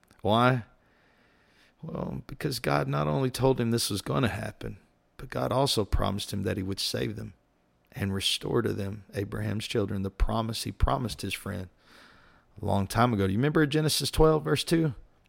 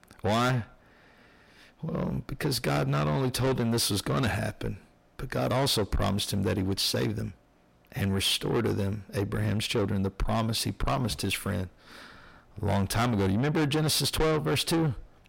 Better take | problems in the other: first | distortion; heavy; 6 dB below the speech

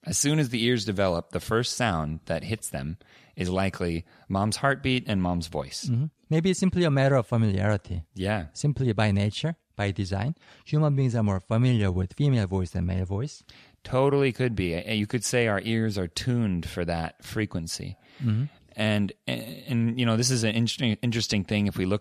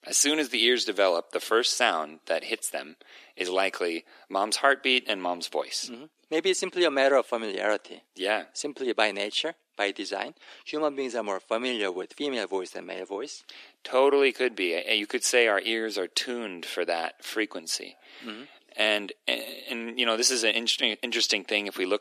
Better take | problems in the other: first | thin; very; fading below 300 Hz

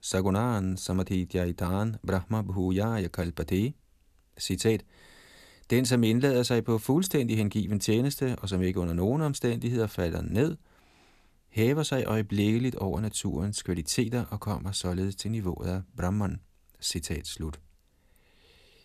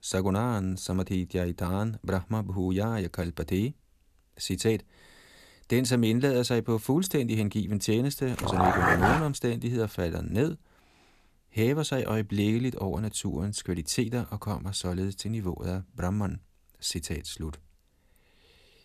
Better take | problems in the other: first | dog barking; loud; at 8.5 s; peak 6 dB above the speech

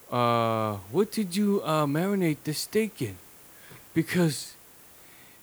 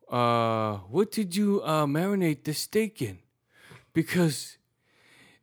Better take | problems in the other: second | hiss; faint; throughout; 20 dB below the speech

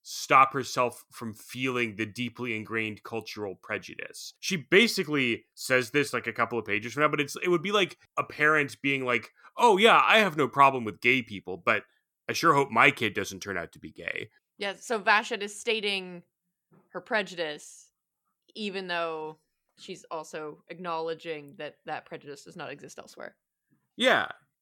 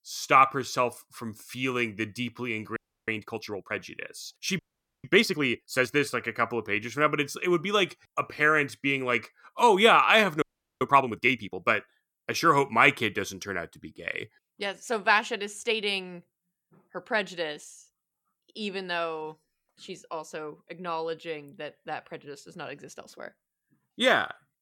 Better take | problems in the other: first | audio freezing; at 3 s, at 4.5 s and at 10 s

